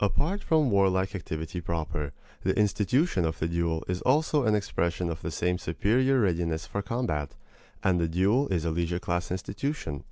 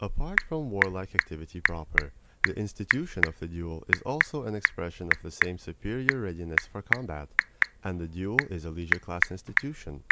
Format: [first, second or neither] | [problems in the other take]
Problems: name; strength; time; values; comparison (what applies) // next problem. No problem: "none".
first | background sound (Telephone / Typing); 4 dB above the speech